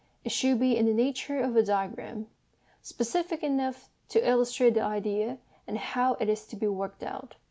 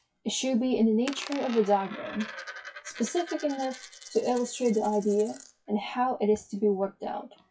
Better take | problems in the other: first | noise reduction (classical method WPE with log-MMSE)

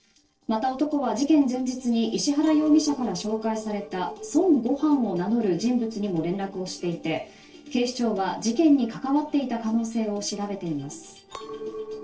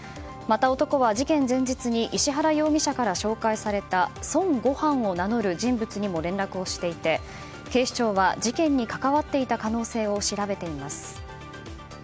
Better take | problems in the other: second | noise reduction (neural separator model SepFormer DNS4)

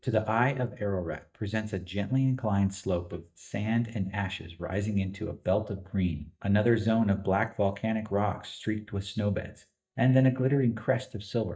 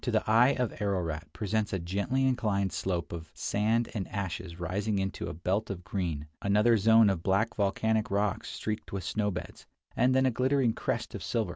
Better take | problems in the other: second | noise reduction (neural mask model DeepFilterNet 3)

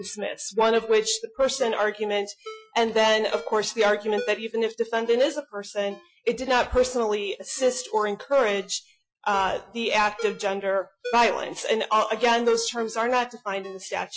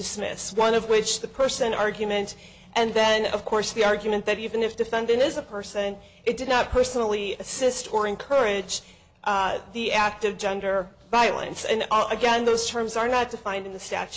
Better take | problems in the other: second | noise reduction (classical method Wiener filter)

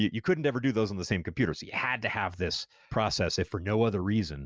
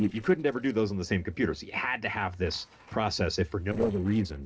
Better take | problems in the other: first | noise reduction (neural separator model SepFormer DNS4)

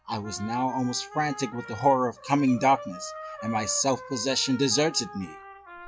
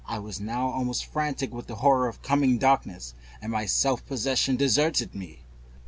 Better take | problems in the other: second | noise reduction (classical method log-MMSE)

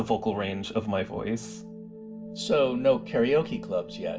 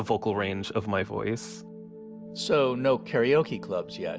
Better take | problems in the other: second | room echo; dies away in 0.3 s

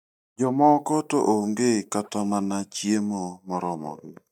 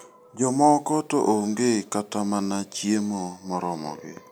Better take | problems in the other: second | noise reduction (neural mask model DeepFilterNet 3)

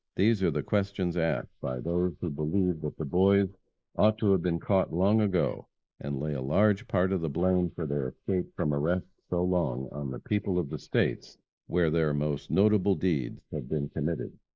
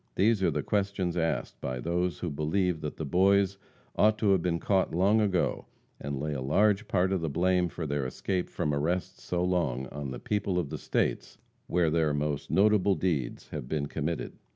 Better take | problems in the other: second | noise reduction (neural mask model Resemble Enhance denoiser)

